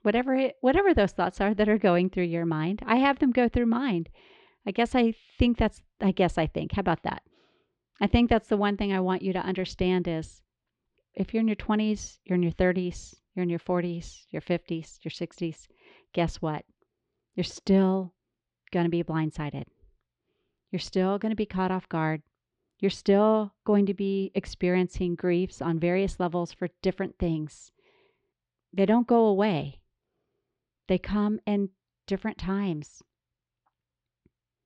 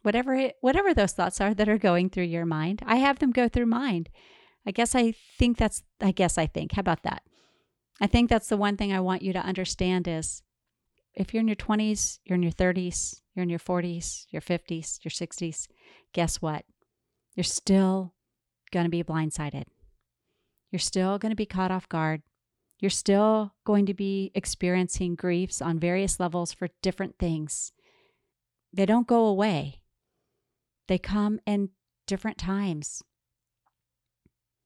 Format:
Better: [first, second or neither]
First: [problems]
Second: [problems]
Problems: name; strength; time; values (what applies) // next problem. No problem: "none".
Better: second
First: muffled; slightly; fading above 4 kHz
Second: none